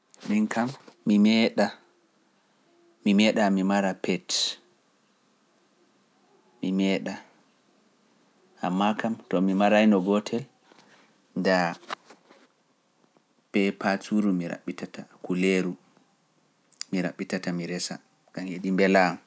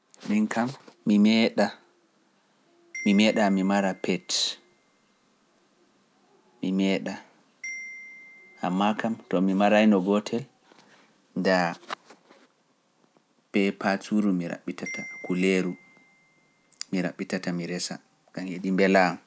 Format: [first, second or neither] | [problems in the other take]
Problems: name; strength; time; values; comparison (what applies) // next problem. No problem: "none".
first | background sound (Marimba, xylophone); 19 dB below the speech